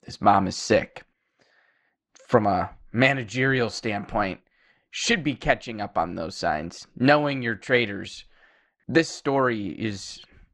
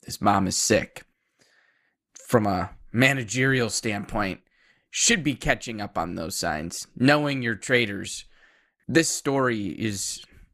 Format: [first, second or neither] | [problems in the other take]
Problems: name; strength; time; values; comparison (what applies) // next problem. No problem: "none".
second | muffled; slightly; fading above 5 kHz